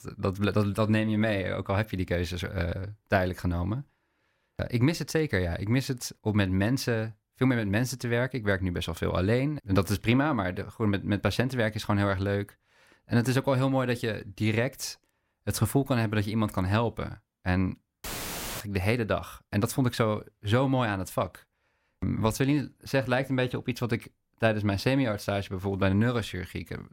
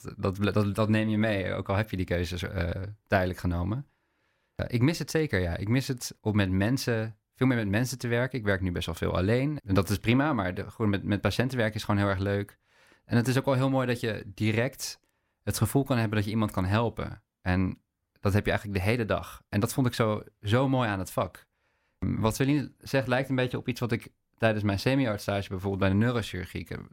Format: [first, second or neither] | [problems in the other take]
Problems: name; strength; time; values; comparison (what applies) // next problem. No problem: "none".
second | audio cutting out; filled with static; at 18 s for 0.5 s